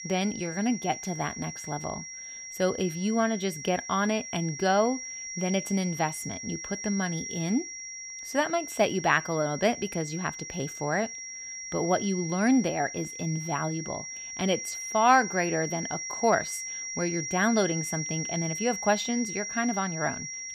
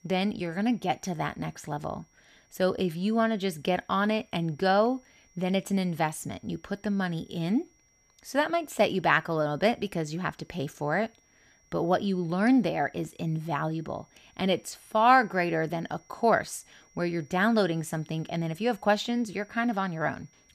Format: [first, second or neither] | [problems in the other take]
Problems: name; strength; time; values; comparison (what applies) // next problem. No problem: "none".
second | high-pitched whine; loud; throughout; 5.5 kHz, 7 dB below the speech; faint in the second